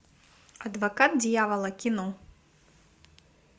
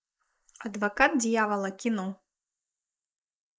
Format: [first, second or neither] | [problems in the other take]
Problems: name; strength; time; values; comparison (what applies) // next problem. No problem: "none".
first | noise reduction (neural mask model Resemble Enhance denoiser)